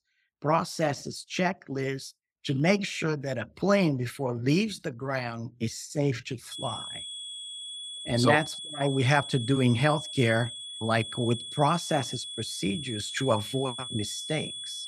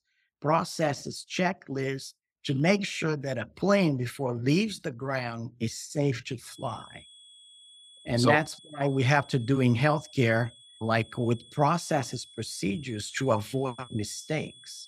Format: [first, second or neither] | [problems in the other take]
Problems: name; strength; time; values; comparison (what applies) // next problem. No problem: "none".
second | high-pitched whine; loud; from 6.5 s on; 3.5 kHz, 8 dB below the speech; faint in the second